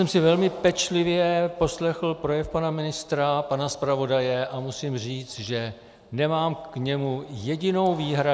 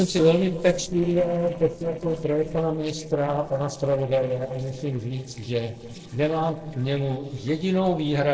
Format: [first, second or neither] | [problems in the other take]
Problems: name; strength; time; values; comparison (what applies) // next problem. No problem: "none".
first | noise reduction (neural separator model SepFormer DNS4)